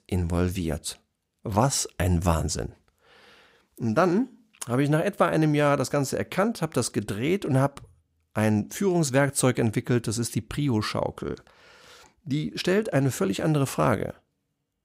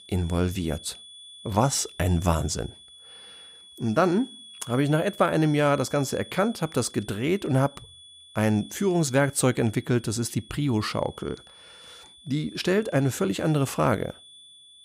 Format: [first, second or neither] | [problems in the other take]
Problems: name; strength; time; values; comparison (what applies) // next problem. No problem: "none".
first | high-pitched whine; noticeable; throughout; 3.5 kHz, 20 dB below the speech